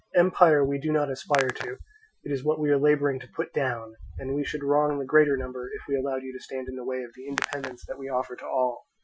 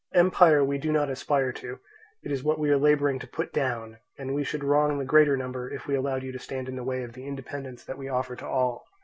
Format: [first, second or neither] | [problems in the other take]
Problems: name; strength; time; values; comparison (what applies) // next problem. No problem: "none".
second | noise reduction (classical method Wiener filter)